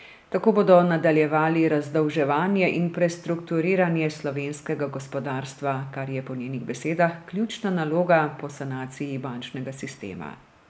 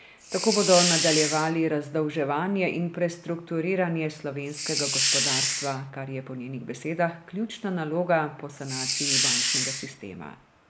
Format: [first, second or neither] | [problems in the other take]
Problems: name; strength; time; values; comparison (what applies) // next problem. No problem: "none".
first | background sound (Hiss); 2 dB above the speech